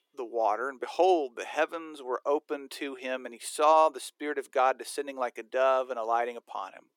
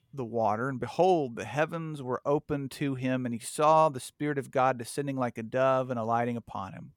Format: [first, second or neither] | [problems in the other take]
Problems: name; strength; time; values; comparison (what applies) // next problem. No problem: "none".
second | thin; somewhat; fading below 350 Hz